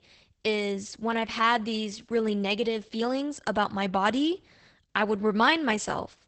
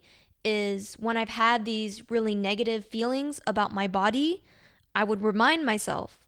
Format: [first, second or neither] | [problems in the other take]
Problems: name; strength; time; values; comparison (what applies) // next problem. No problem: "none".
second | garbled, watery; badly; nothing above 8 kHz; slightly in the second